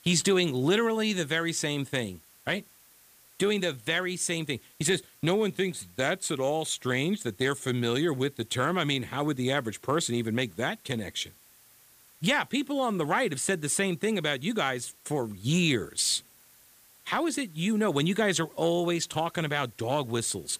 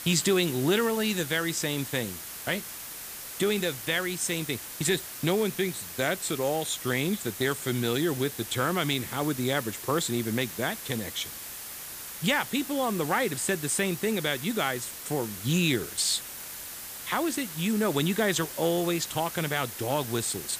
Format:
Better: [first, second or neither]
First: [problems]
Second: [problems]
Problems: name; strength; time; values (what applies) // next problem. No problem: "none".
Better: first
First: hiss; faint; throughout; 25 dB below the speech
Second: hiss; loud; throughout; 9 dB below the speech